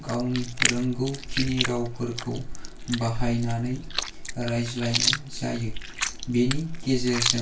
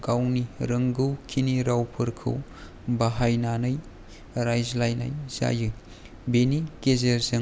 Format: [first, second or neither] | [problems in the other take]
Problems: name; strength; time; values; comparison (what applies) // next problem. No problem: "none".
second | background sound (Chewing, mastication); 4 dB below the speech // room echo; dies away in 0.2 s